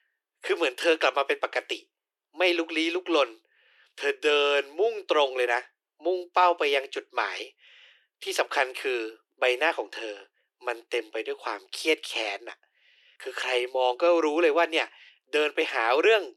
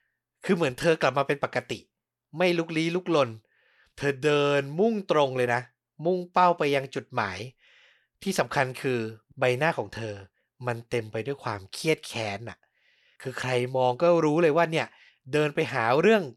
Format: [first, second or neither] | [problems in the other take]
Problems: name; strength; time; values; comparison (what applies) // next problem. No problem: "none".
second | thin; very; fading below 300 Hz